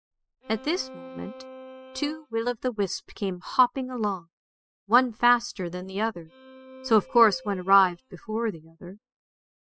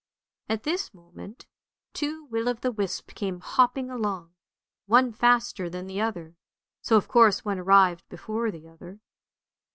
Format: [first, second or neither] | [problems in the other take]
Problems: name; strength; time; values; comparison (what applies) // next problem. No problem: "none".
second | noise reduction (classical method spectral subtraction)